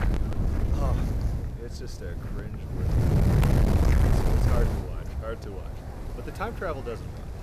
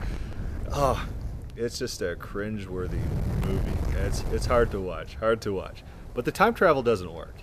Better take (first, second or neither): second